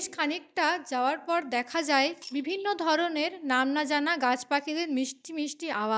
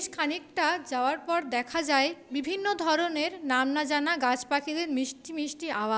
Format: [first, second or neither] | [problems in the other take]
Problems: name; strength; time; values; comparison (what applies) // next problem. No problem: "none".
second | noise reduction (neural mask model DeepFilterNet 3)